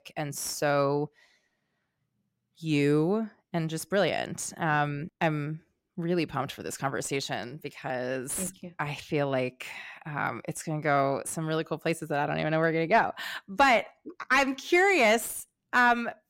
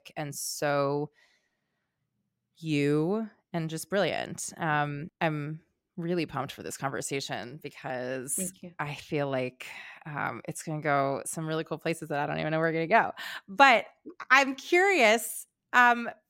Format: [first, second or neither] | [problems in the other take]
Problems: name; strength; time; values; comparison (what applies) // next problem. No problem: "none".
second | distortion; slight; 10 dB below the speech